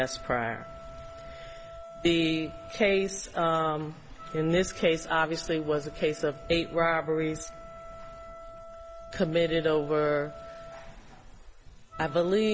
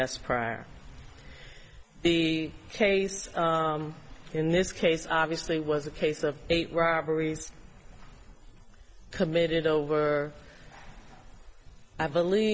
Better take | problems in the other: second | background sound (Wind instrument, woodwind instrument); 17 dB below the speech

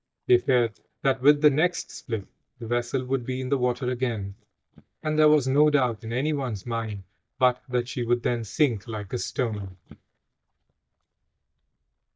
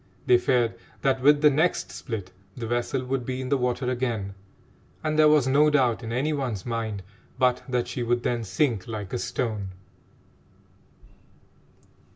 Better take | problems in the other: second | noise reduction (neural mask model DeepFilterNet 3)

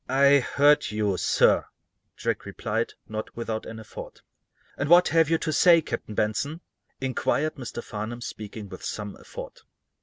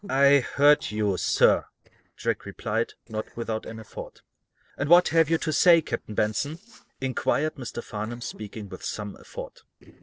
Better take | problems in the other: first | noise reduction (neural separator model SepFormer DNS4)

